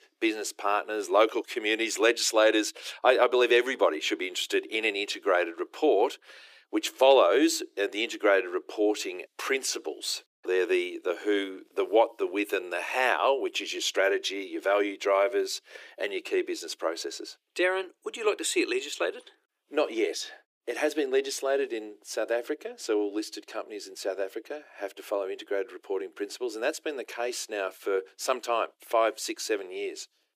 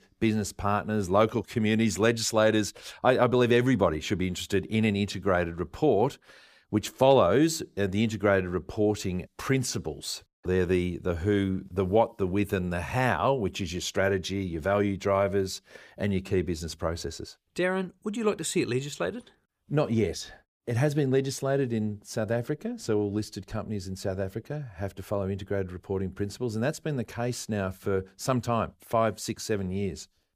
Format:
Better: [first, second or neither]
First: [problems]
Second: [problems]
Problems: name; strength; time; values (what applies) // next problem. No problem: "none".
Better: second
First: thin; very; fading below 300 Hz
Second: none